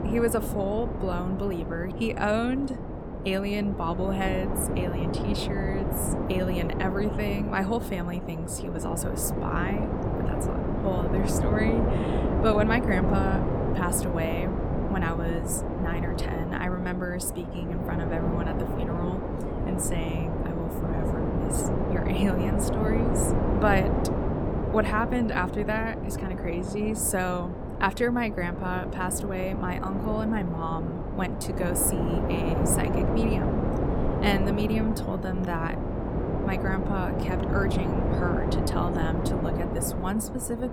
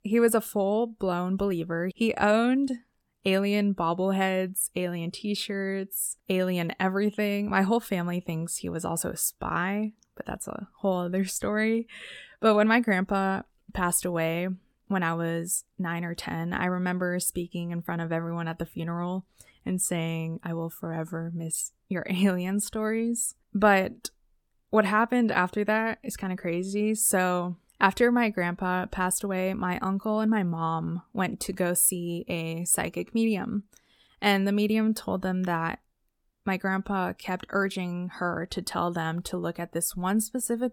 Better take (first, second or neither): second